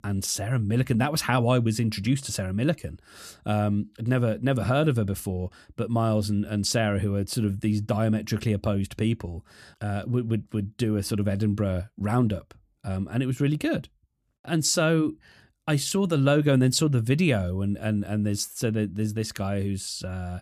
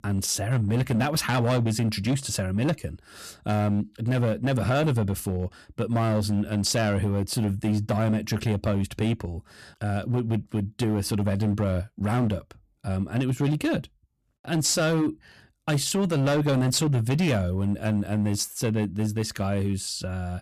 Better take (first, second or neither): first